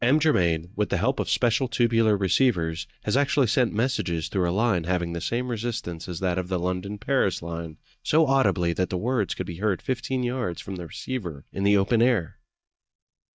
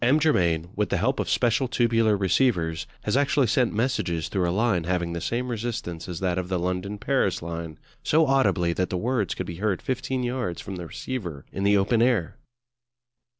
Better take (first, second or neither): second